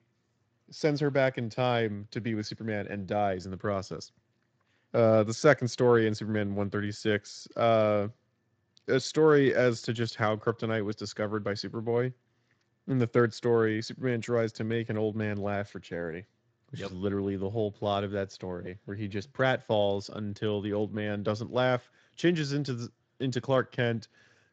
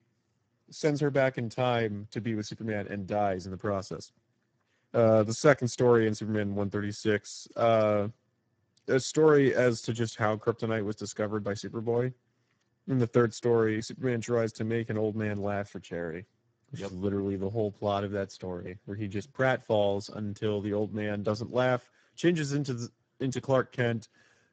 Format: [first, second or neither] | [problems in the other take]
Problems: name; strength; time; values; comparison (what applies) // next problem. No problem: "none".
first | garbled, watery; badly; nothing above 7.5 kHz; slightly in the first